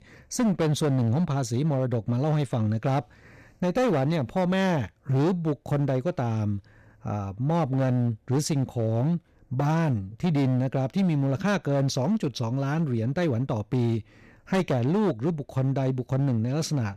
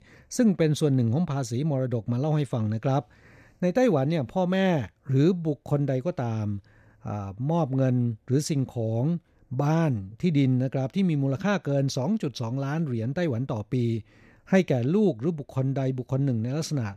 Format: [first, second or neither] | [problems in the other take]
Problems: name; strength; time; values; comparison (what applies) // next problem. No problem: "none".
second | distortion; slight; 13% of the sound clipped